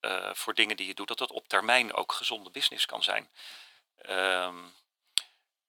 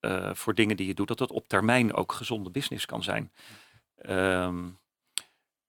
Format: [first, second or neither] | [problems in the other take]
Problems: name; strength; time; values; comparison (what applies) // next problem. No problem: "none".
second | thin; very; fading below 600 Hz